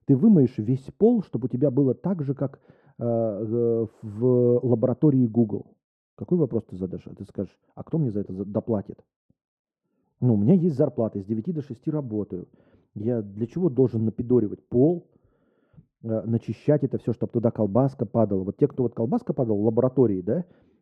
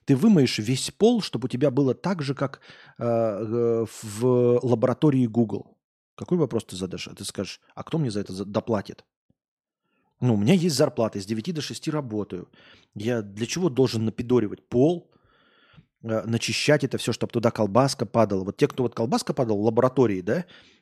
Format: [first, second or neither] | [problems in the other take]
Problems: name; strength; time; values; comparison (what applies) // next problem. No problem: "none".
second | muffled; very; fading above 1.5 kHz